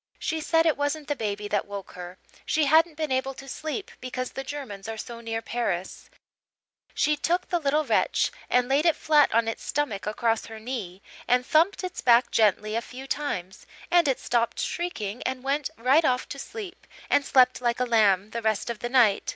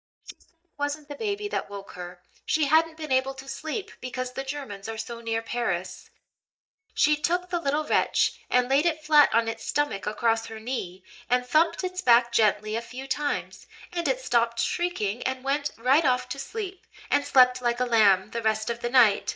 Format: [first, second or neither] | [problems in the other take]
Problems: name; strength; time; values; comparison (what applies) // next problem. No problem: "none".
first | noise reduction (neural mask model DeepFilterNet 3)